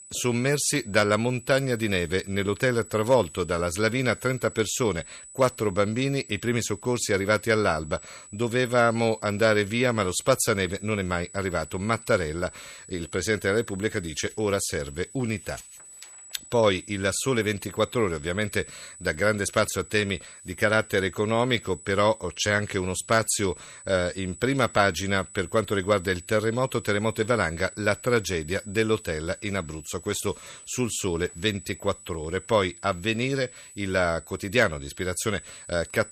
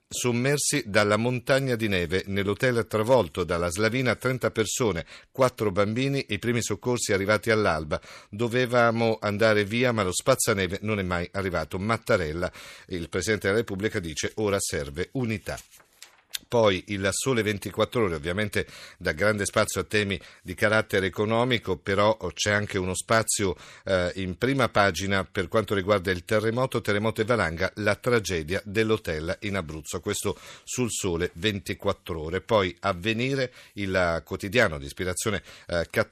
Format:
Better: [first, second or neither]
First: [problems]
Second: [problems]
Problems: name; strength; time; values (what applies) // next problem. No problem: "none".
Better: second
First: high-pitched whine; noticeable; throughout; 8 kHz, 20 dB below the speech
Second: none